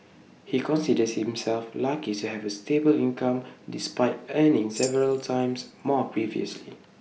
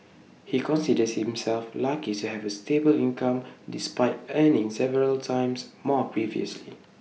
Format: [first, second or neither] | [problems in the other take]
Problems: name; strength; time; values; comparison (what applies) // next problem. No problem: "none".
second | background sound (Tambourine); 15 dB below the speech